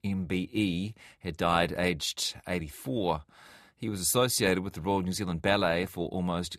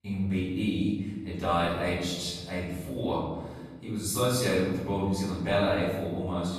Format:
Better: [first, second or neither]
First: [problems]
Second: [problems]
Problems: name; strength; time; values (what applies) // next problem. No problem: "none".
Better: first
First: none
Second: off-mic speech; far // room echo; strong; dies away in 1.4 s